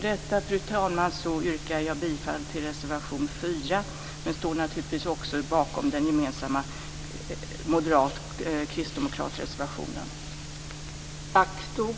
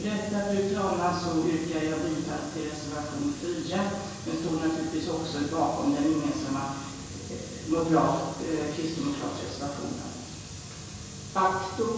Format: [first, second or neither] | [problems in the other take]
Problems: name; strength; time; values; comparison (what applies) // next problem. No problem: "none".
first | room echo; dies away in 1 s